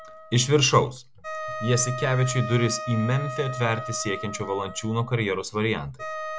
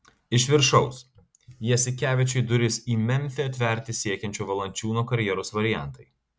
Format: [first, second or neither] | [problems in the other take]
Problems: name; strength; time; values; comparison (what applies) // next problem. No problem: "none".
second | background sound (Wind instrument, woodwind instrument); 10 dB below the speech